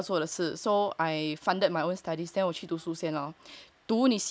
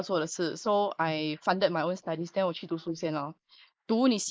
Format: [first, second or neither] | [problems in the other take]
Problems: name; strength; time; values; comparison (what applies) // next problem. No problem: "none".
first | noise reduction (neural mask model Resemble Enhance denoiser)